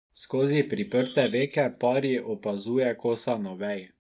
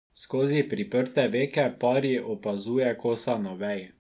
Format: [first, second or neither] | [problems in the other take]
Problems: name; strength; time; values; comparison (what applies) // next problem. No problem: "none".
second | noise reduction (neural mask model DeepFilterNet 3)